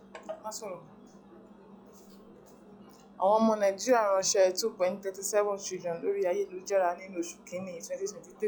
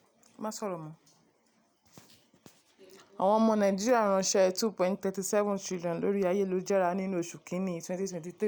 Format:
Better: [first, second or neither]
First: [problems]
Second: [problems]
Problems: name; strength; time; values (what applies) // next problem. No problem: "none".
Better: second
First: noise reduction (classical method log-MMSE)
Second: none